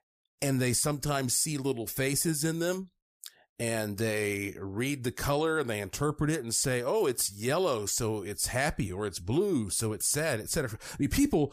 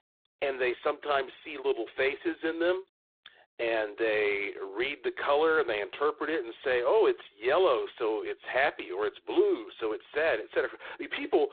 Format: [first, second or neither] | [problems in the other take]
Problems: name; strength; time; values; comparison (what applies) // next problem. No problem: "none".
first | phone-call audio; poor line; nothing above 4 kHz